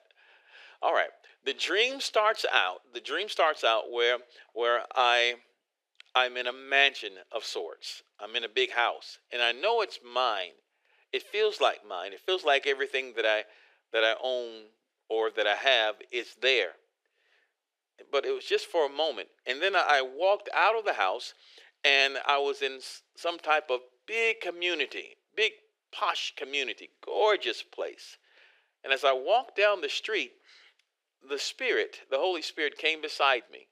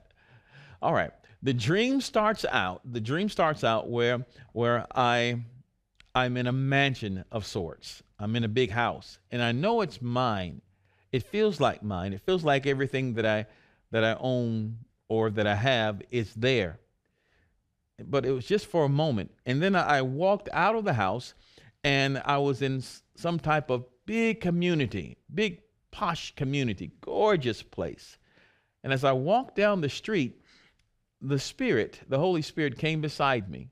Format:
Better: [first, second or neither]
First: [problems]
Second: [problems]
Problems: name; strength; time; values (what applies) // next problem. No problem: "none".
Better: second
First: thin; very; fading below 400 Hz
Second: none